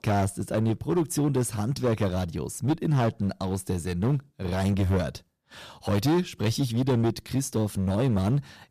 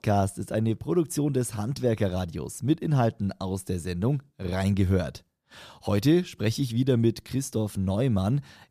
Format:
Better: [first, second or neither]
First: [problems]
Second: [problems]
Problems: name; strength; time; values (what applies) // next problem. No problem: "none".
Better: second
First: distortion; slight; 11% of the sound clipped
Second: none